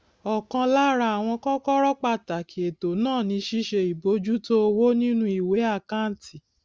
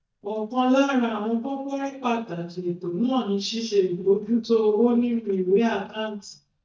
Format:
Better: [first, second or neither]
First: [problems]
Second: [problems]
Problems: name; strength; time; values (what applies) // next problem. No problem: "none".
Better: first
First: none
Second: noise reduction (neural mask model DeepFilterNet 3)